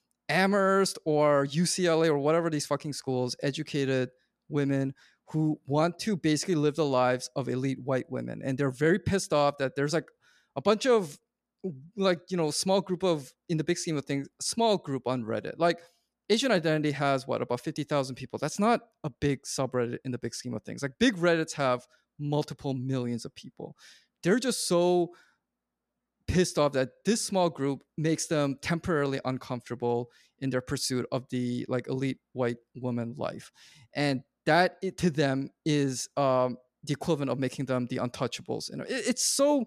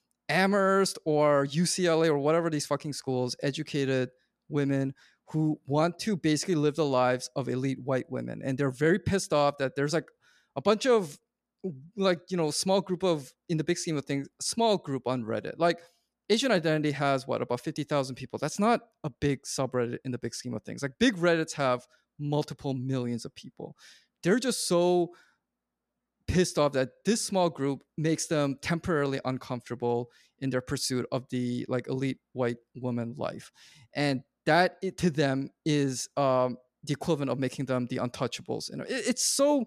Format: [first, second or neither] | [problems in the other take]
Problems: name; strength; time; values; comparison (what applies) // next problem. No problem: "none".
neither | none